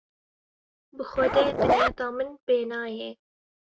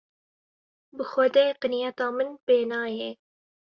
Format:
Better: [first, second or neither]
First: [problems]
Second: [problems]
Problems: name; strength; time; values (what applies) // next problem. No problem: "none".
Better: second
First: background sound (Zipper (clothing)); 3 dB above the speech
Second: none